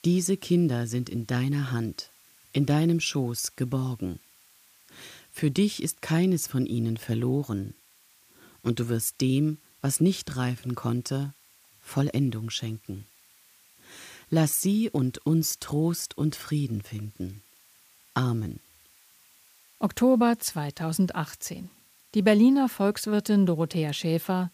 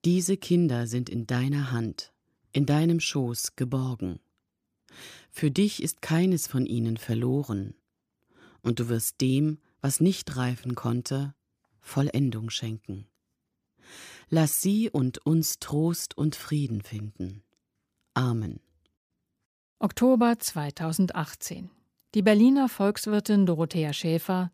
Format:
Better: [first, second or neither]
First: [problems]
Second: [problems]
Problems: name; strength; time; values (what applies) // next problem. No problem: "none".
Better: second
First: hiss; faint; throughout; 30 dB below the speech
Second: none